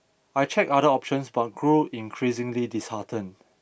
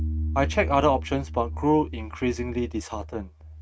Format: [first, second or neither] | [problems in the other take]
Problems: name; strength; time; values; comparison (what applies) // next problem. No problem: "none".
first | noise reduction (neural mask model RNNoise)